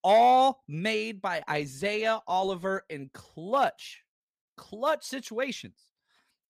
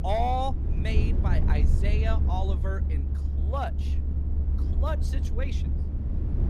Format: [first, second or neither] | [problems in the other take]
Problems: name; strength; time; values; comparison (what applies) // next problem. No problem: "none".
first | low rumble; loud; throughout; 9 dB below the speech